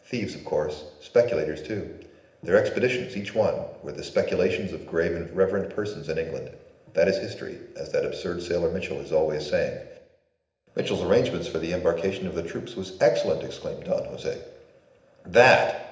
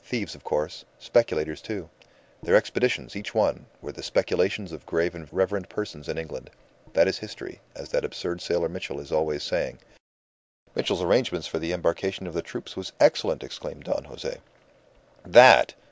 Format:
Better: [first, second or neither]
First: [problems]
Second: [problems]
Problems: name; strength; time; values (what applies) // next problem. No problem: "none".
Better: second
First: room echo; dies away in 0.8 s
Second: none